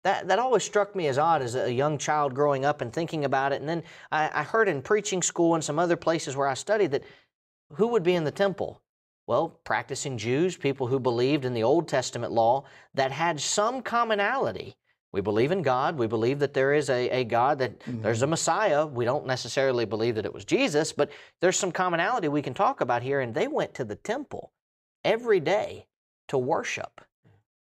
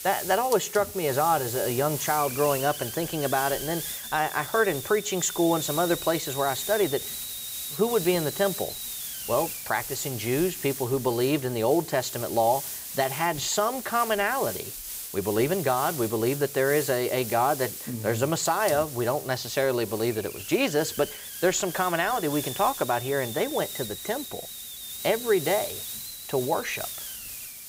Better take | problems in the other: first | hiss; loud; throughout; 7 dB below the speech

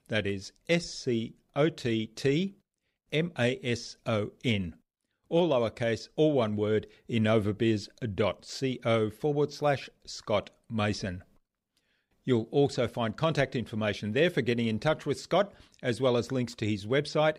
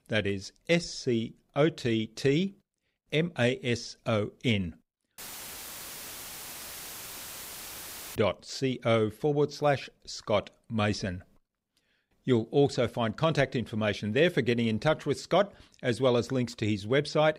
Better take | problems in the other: first | audio cutting out; filled with static; at 5 s for 3 s

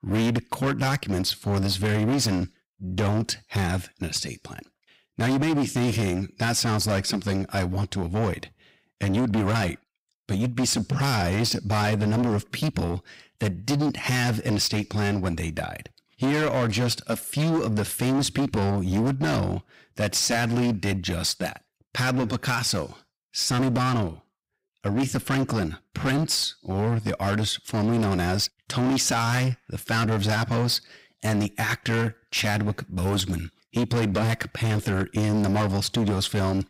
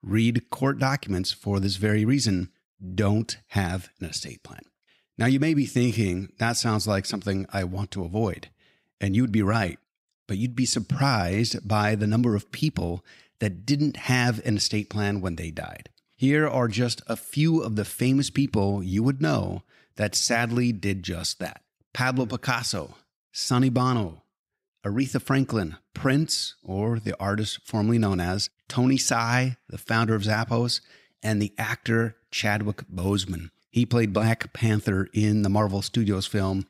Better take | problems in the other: second | distortion; heavy; 20% of the sound clipped

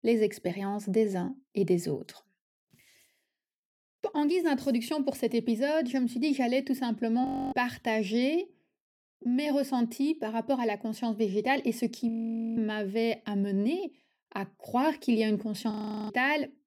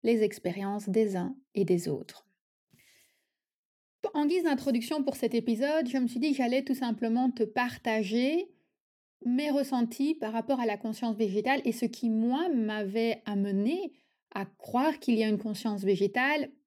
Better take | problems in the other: second | audio freezing; at 7.5 s, at 12 s and at 16 s

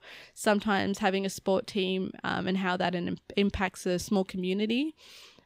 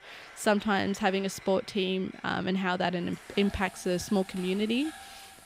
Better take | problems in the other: first | household noises; noticeable; throughout; 20 dB below the speech

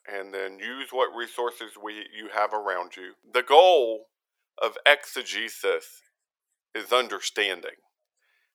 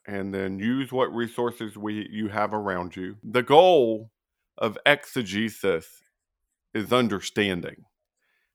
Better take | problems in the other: second | thin; very; fading below 450 Hz

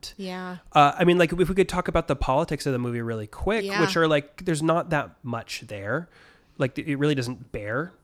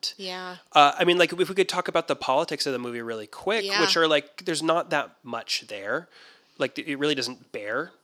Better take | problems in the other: first | thin; somewhat; fading below 300 Hz

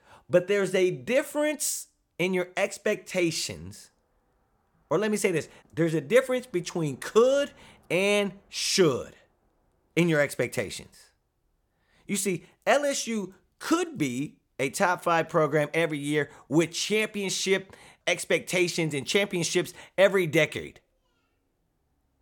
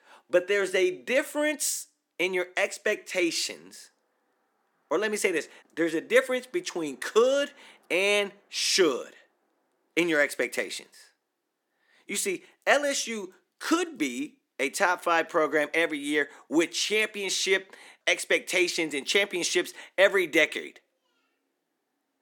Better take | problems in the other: first | thin; very slightly; fading below 250 Hz

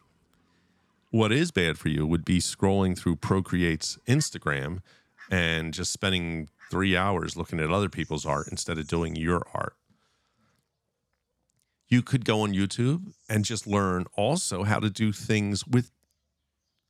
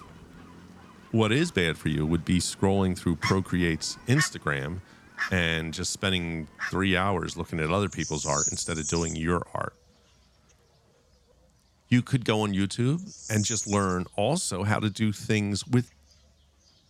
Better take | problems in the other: first | animal sounds; loud; throughout; 5 dB below the speech; faint in the first

